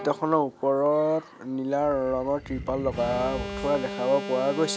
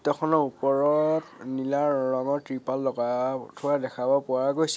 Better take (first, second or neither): second